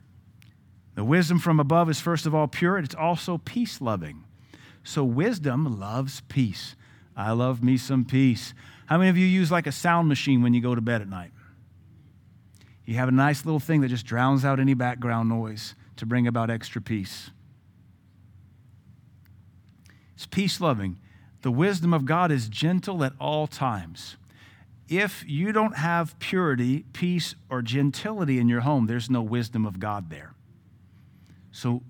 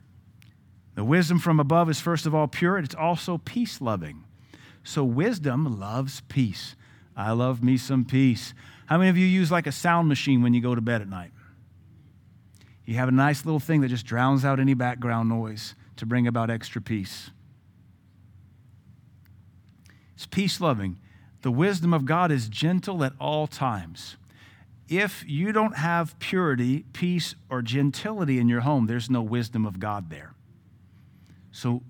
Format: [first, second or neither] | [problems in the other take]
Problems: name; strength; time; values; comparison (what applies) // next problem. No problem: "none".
neither | none